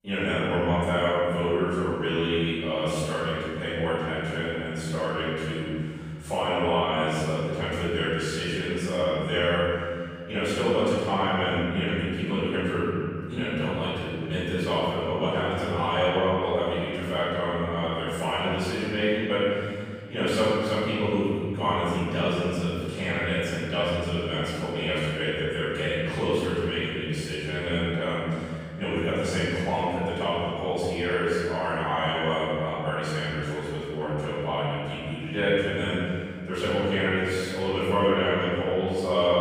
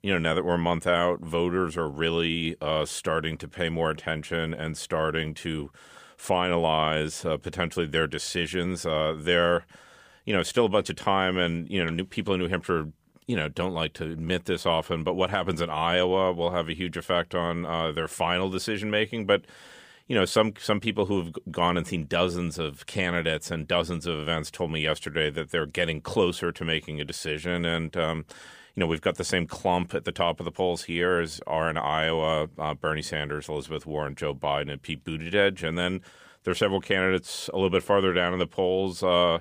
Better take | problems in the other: second | off-mic speech; far // room echo; strong; dies away in 2.3 s

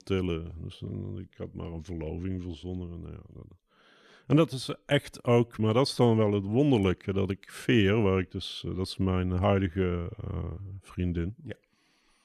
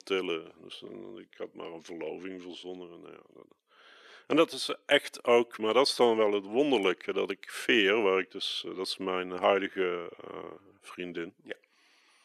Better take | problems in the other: first | thin; somewhat; fading below 350 Hz

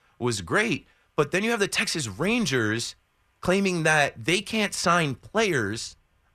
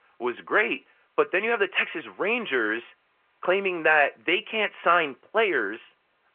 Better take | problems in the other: first | phone-call audio; nothing above 3 kHz

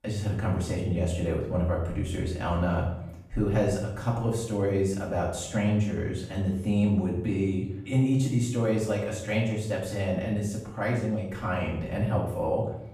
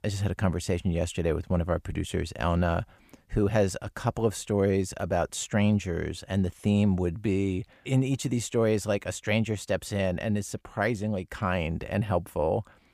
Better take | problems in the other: second | off-mic speech; far // room echo; noticeable; dies away in 0.7 s

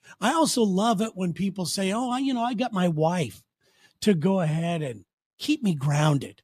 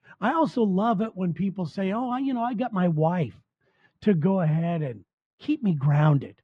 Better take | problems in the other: first | muffled; very; fading above 1.5 kHz

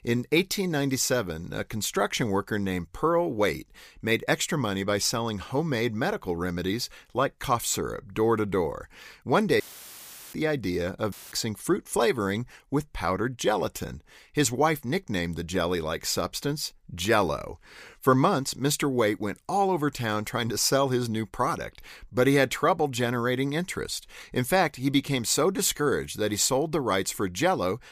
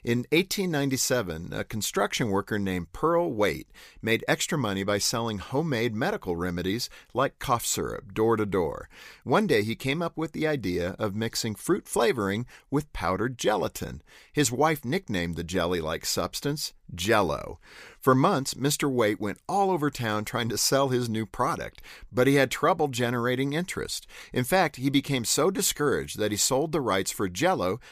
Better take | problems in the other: second | audio cutting out; filled with static; at 9.5 s for 0.5 s and at 11 s

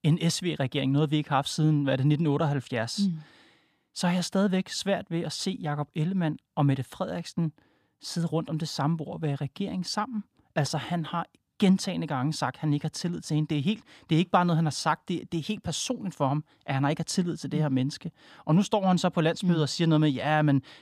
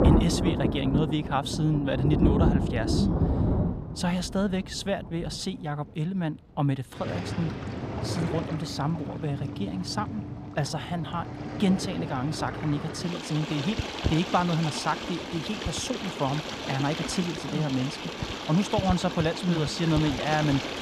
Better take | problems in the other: first | rain or running water; loud; throughout; 2 dB below the speech

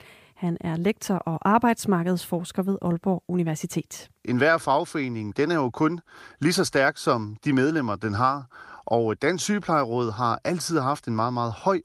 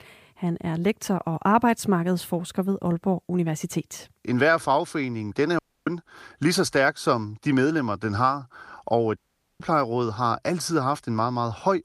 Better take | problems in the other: first | audio cutting out; at 5.5 s and at 9 s

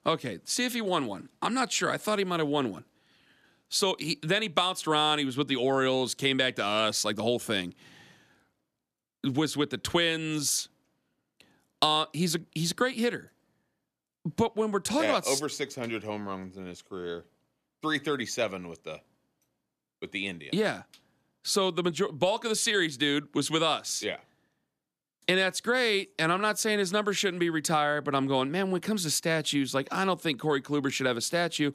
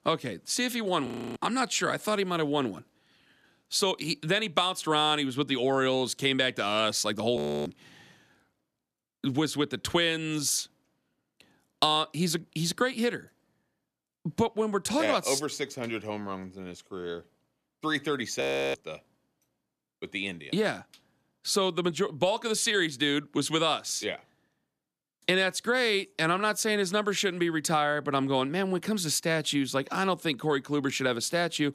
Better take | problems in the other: first | audio freezing; at 1 s, at 7.5 s and at 18 s

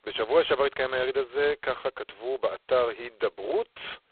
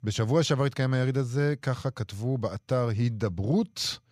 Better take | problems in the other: second | phone-call audio; poor line; nothing above 4 kHz

